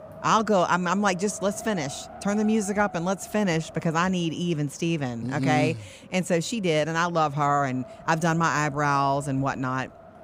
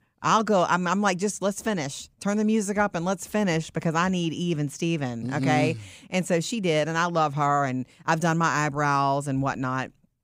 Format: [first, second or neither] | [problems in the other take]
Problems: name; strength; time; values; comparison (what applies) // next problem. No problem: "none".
second | wind noise on the microphone; occasional gusts; 20 dB below the speech